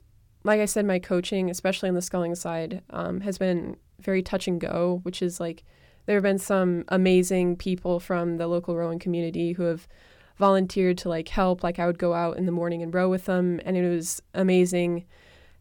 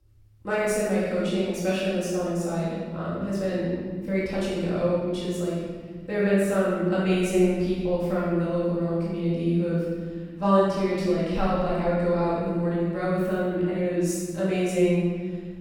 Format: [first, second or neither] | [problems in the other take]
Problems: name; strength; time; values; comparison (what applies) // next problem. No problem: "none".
first | room echo; strong; dies away in 2.1 s // off-mic speech; far